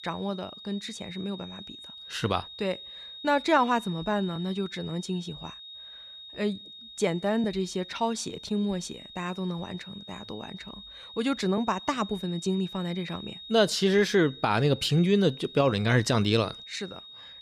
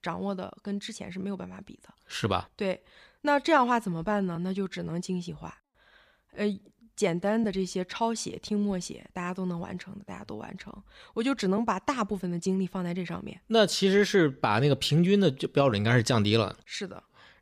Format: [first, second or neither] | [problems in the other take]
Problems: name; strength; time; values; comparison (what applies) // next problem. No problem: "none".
second | high-pitched whine; noticeable; throughout; 3.5 kHz, 15 dB below the speech